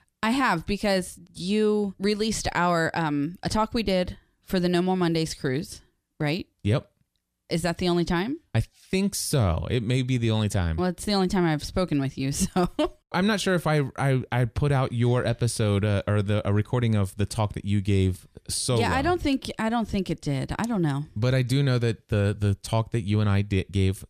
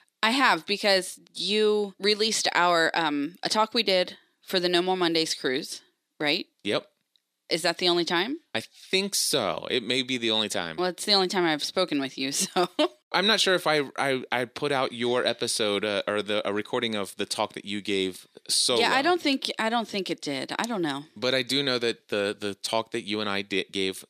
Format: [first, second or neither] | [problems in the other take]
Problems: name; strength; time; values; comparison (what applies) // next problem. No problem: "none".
first | thin; somewhat; fading below 300 Hz